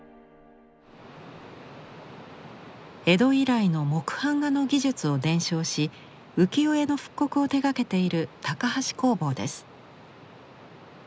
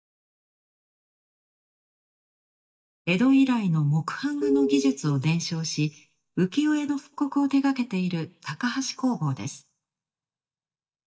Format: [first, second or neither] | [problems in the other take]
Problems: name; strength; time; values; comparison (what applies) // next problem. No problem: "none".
first | noise reduction (neural mask model DeepFilterNet 3)